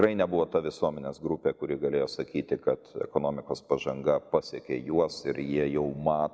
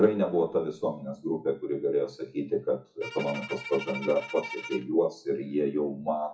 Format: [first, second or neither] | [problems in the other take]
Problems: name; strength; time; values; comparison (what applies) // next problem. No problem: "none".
first | noise reduction (classical method WPE with log-MMSE)